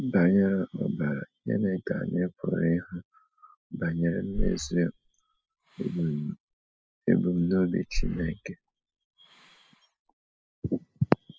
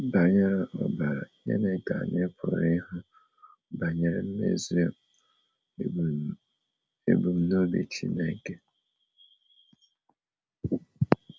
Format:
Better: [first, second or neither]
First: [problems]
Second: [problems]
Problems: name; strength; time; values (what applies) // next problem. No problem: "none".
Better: second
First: noise reduction (classical method spectral subtraction)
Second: none